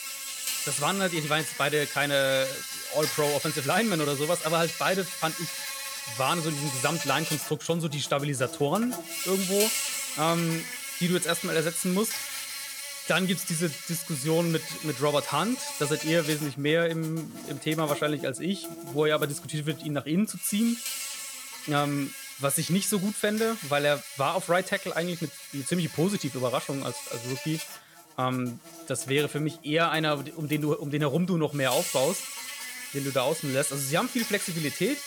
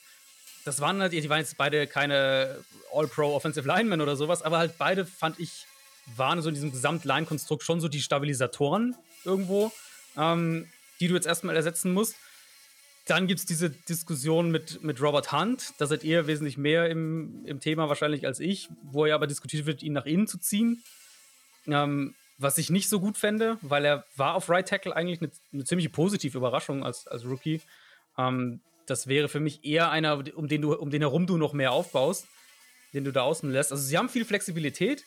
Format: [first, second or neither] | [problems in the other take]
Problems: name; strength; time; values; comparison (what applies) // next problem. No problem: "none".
second | animal sounds; loud; throughout; 6 dB below the speech; faint in the second